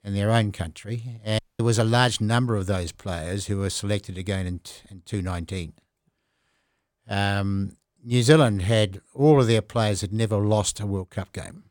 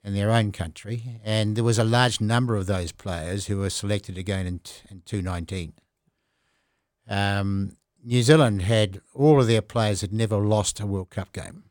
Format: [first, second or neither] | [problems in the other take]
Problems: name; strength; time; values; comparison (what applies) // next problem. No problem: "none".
second | audio cutting out; at 1.5 s